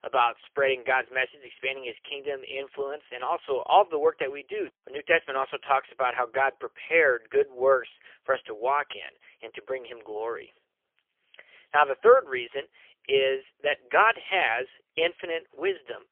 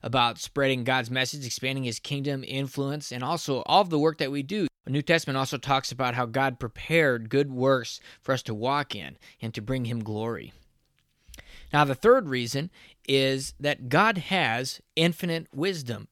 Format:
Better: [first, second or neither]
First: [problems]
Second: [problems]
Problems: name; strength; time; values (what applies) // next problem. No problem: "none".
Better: second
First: phone-call audio; poor line; nothing above 3.5 kHz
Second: none